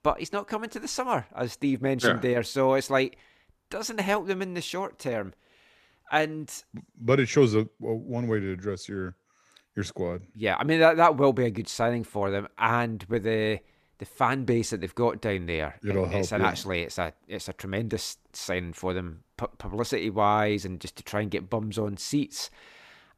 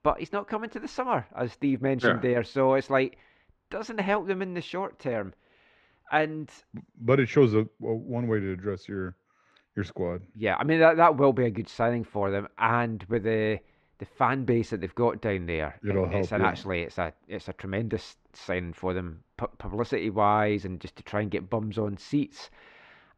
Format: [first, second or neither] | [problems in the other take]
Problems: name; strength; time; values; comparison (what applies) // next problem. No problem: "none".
first | muffled; slightly; fading above 2.5 kHz